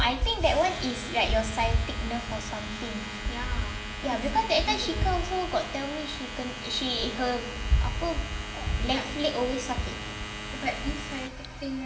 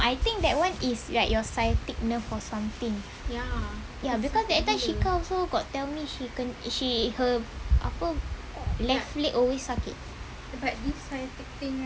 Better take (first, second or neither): second